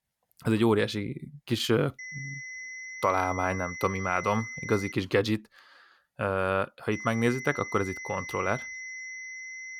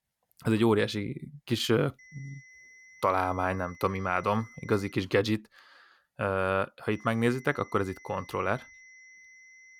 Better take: second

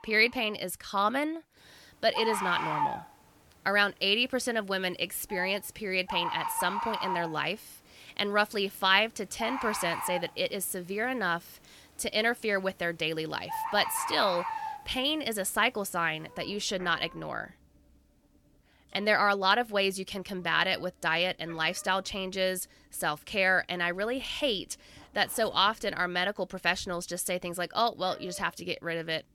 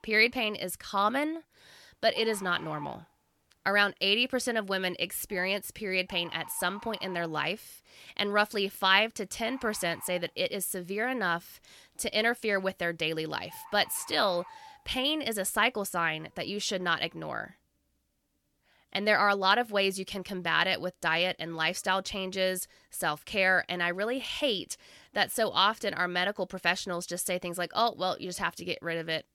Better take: second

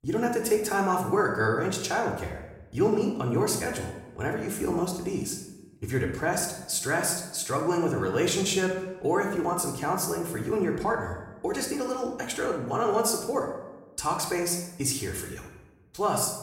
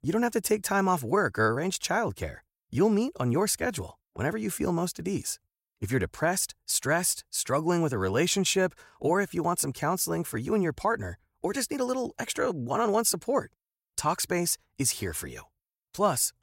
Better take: second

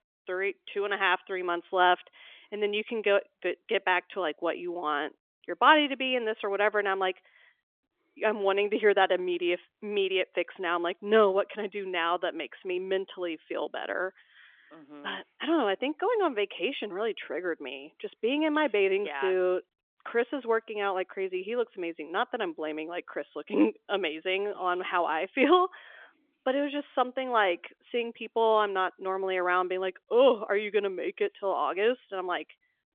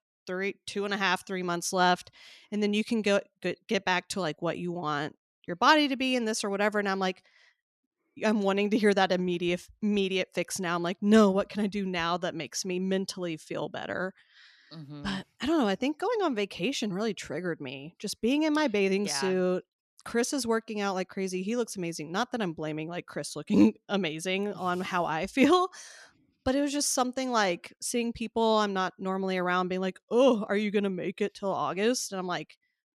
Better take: second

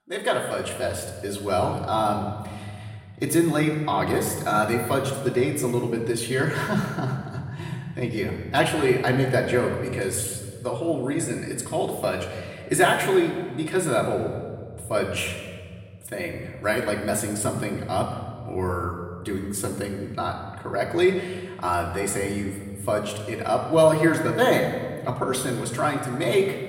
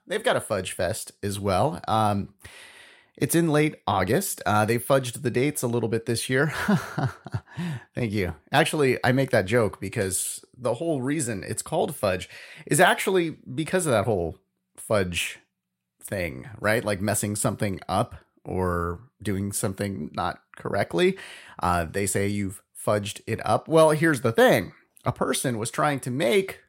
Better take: second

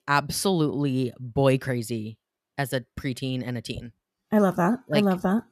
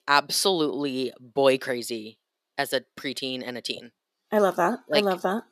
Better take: first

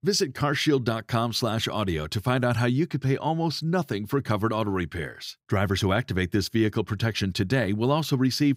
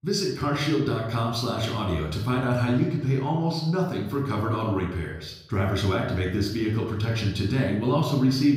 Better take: first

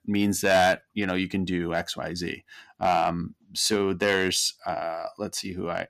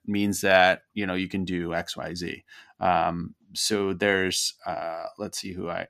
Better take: second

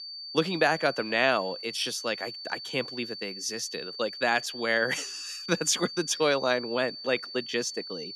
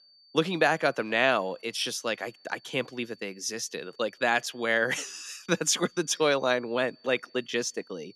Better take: second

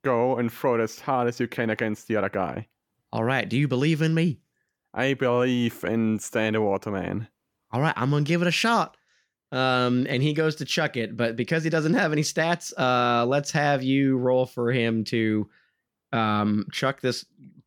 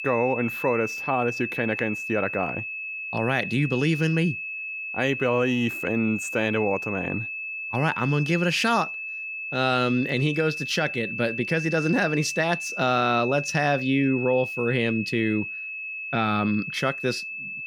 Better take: first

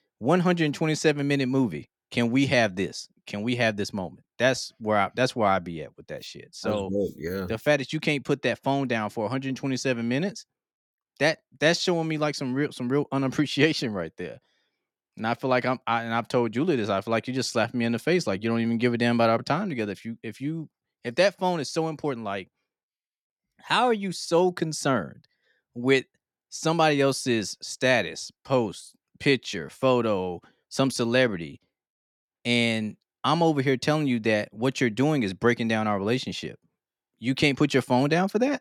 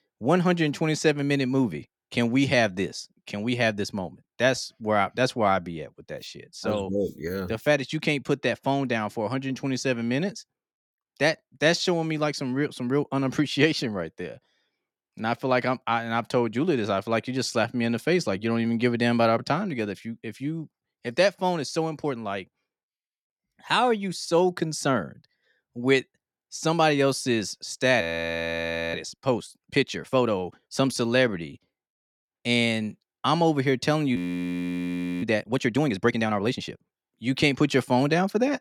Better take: first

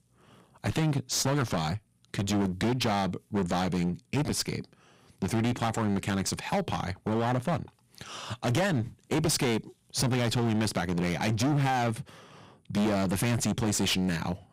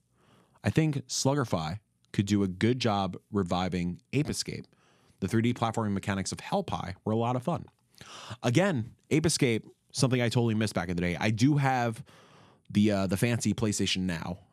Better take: second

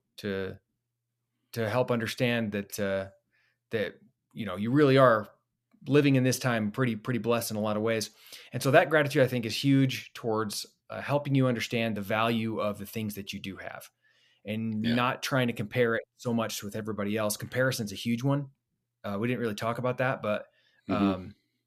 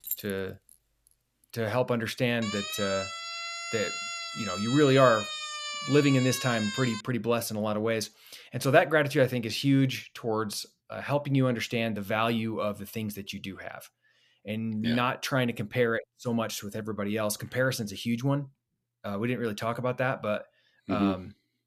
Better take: first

